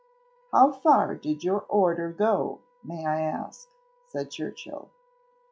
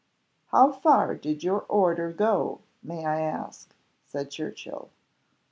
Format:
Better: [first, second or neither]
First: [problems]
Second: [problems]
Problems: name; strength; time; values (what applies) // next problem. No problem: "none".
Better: second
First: noise reduction (classical method log-MMSE)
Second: none